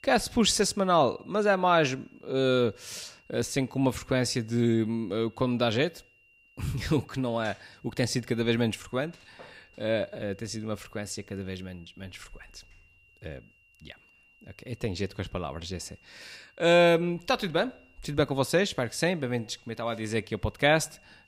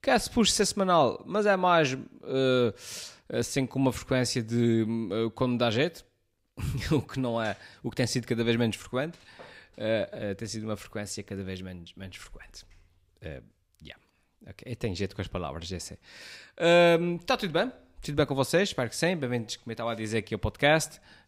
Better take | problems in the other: second | high-pitched whine; faint; throughout; 3 kHz, 30 dB below the speech

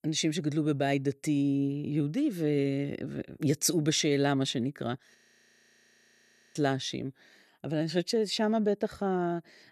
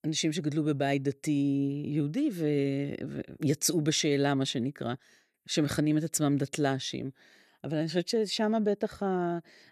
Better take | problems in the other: second | audio freezing; at 5 s for 1.5 s

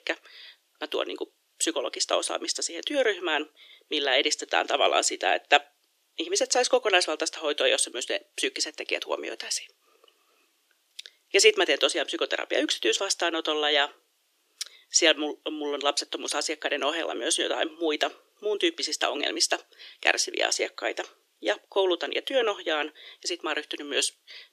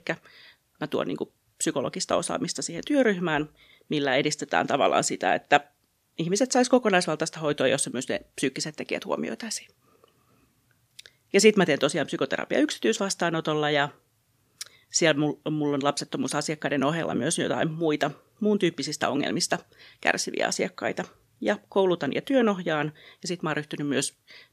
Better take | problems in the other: second | thin; somewhat; fading below 300 Hz

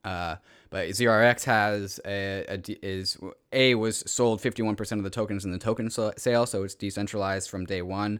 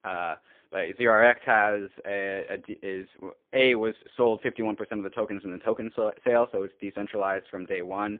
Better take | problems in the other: first | phone-call audio; poor line; nothing above 3.5 kHz

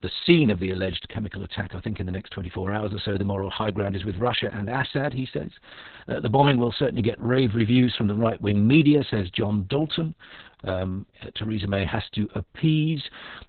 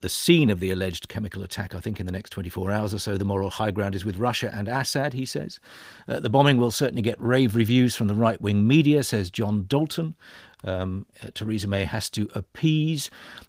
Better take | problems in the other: second | garbled, watery; badly; nothing above 4 kHz; slightly in the second

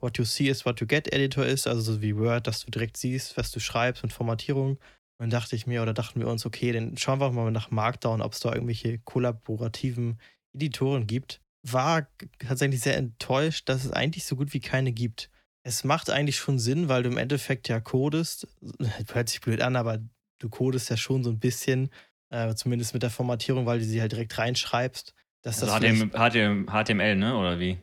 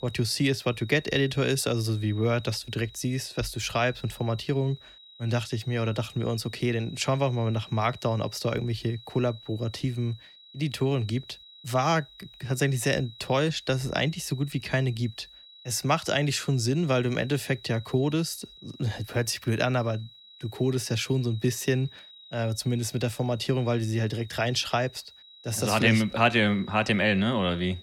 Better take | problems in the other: first | high-pitched whine; faint; throughout; 4 kHz, 20 dB below the speech

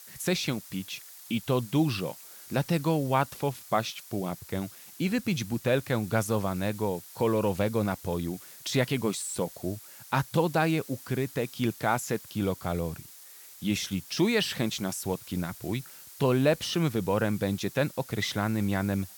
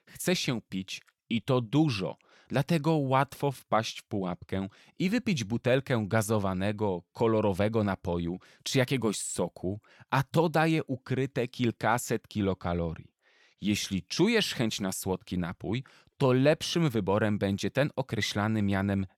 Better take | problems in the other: second | hiss; noticeable; throughout; 15 dB below the speech

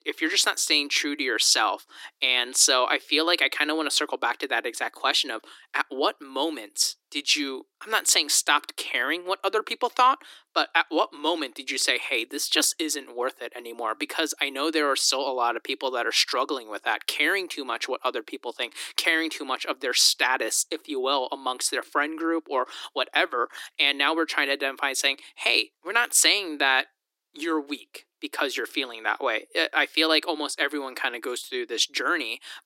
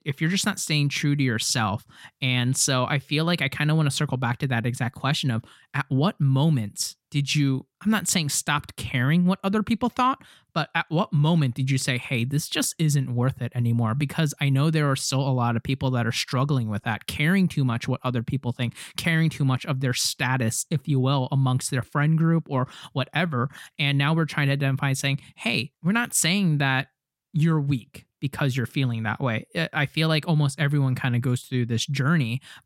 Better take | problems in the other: second | thin; very; fading below 300 Hz

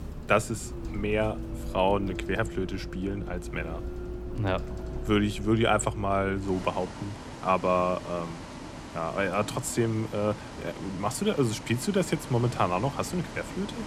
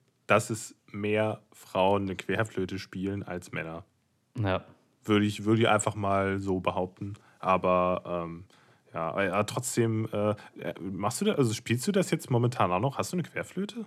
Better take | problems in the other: second | traffic noise; noticeable; throughout; 10 dB below the speech

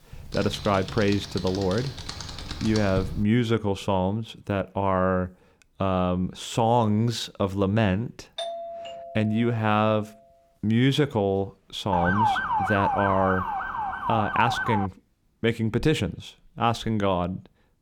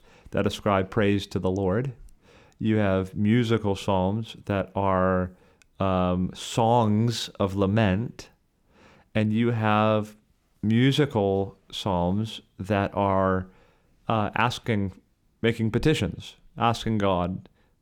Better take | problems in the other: second | keyboard typing; noticeable; until 3.5 s; peak 8 dB below the speech // doorbell; noticeable; from 8.5 to 10 s; peak 7 dB below the speech // siren; loud; from 12 to 15 s; peak 2 dB above the speech

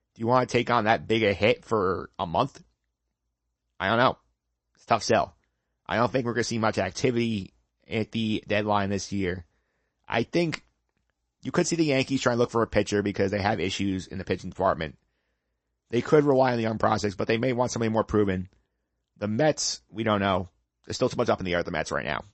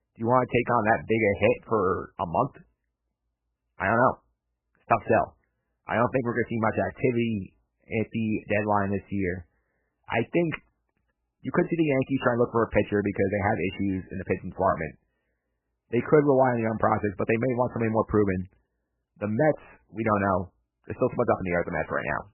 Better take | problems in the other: first | garbled, watery; badly; nothing above 3 kHz; slightly in the first

